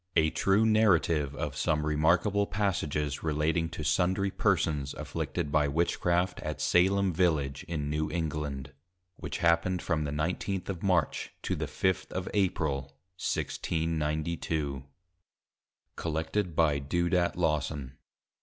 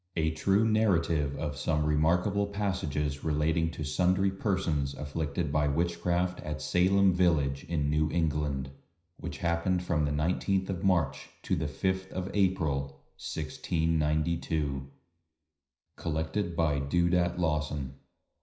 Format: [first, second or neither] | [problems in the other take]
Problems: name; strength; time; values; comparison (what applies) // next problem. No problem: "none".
first | room echo; dies away in 0.5 s